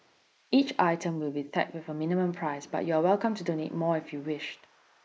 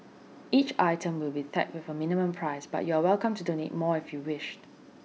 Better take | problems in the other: second | noise reduction (neural mask model Resemble Enhance denoiser)

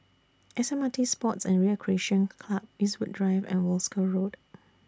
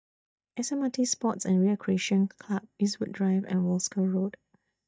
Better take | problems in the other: first | noise reduction (neural mask model DeepFilterNet 3)

